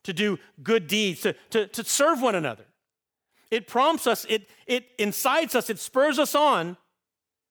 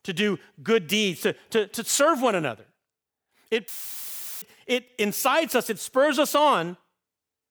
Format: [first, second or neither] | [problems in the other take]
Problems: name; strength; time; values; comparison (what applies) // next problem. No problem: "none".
first | audio cutting out; filled with static; at 3.5 s for 0.5 s